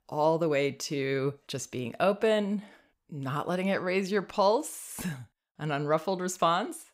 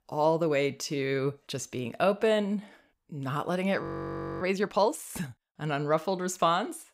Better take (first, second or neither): first